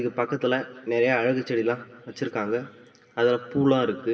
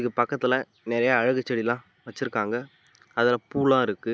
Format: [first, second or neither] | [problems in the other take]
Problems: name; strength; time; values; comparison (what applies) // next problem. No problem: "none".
second | room echo; dies away in 2.8 s